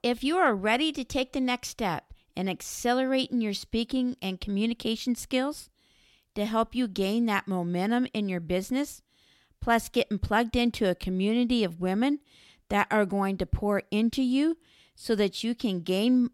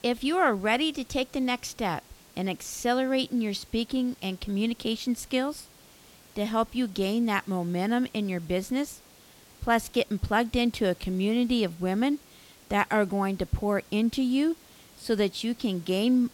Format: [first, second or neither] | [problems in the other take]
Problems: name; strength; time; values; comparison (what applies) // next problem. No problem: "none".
first | hiss; faint; throughout; 25 dB below the speech